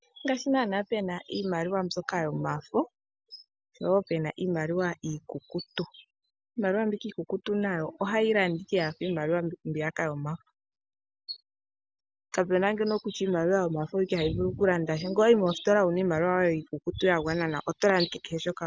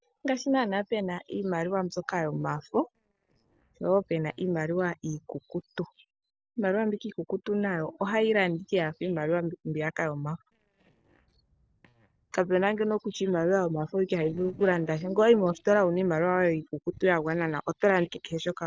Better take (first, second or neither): first